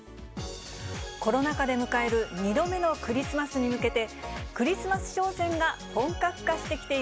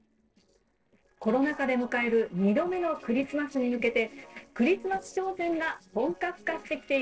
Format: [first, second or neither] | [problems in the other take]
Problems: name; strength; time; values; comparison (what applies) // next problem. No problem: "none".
first | noise reduction (neural separator model SepFormer DNS4)